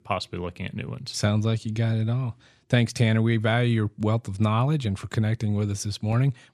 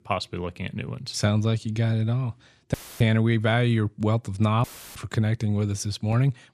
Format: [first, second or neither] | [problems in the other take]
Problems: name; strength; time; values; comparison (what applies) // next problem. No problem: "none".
first | audio cutting out; filled with static; at 2.5 s and at 4.5 s